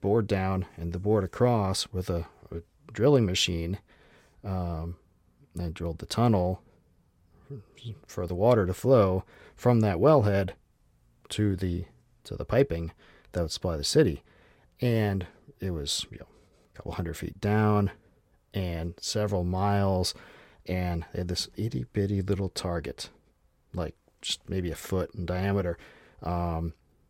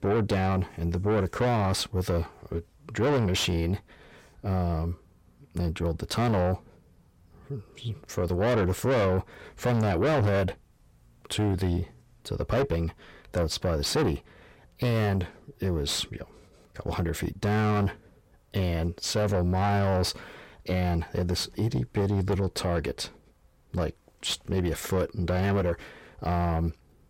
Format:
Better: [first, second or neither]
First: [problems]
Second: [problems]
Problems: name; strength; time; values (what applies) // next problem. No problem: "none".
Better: first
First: none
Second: distortion; heavy; 6 dB below the speech